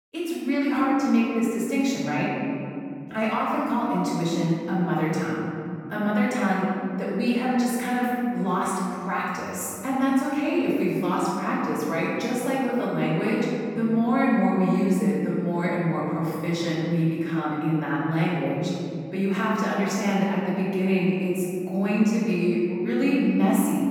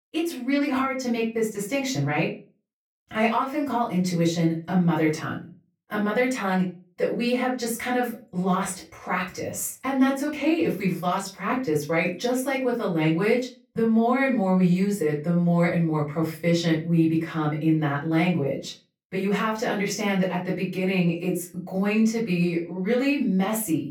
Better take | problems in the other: second | room echo; strong; dies away in 2.6 s; slight in the second // off-mic speech; far; far in the second

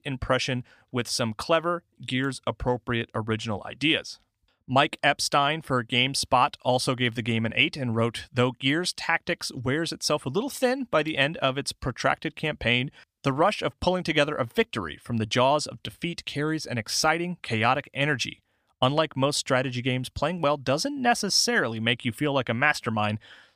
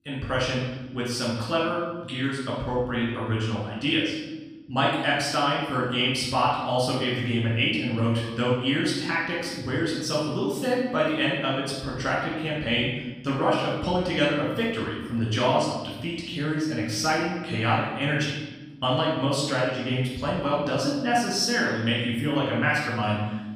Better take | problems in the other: first | off-mic speech; far // room echo; noticeable; dies away in 1.1 s

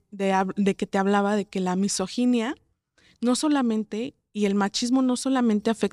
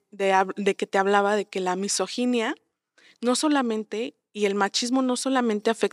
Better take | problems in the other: first | thin; very slightly; fading below 350 Hz

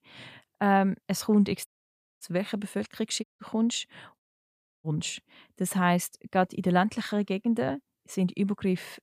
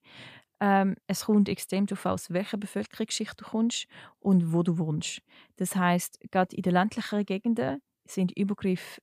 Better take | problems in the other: second | audio cutting out; at 1.5 s for 0.5 s, at 3 s and at 4 s for 0.5 s

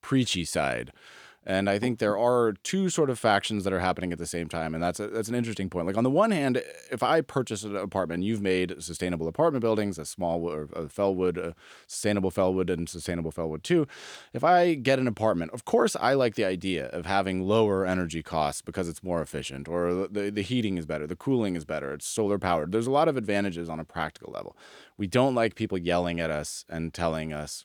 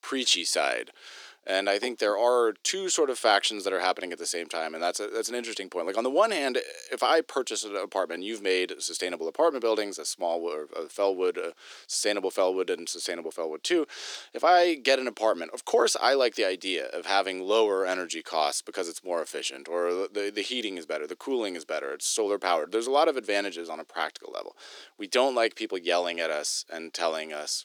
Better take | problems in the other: first | thin; somewhat; fading below 300 Hz

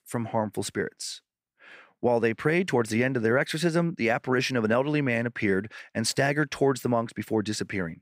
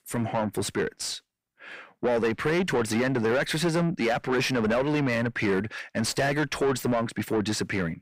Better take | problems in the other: first | distortion; heavy; 7 dB below the speech

